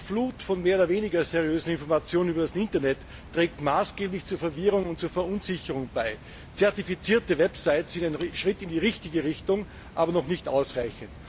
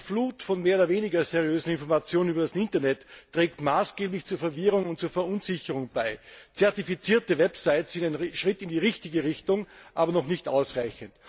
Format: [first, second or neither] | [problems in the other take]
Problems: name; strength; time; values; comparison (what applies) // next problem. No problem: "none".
second | background sound (Wood + Water); 18 dB below the speech